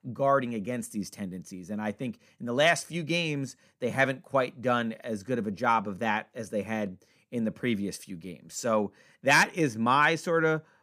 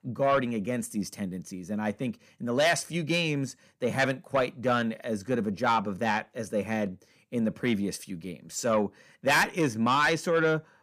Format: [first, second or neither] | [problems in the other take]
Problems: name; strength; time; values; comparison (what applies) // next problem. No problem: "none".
first | distortion; slight; 10 dB below the speech